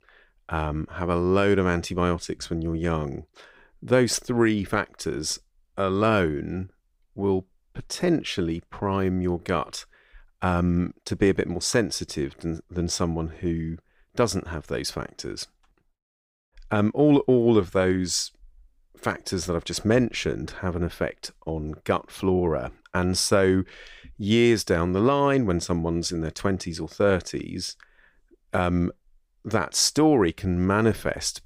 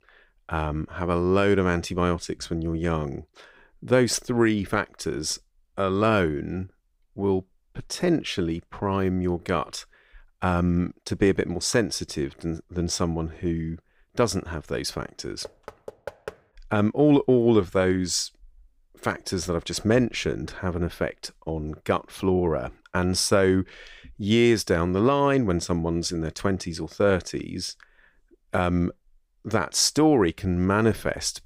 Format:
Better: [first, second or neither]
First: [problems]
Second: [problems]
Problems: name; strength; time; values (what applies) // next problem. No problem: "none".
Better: first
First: none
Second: door banging; faint; at 15 s; peak 15 dB below the speech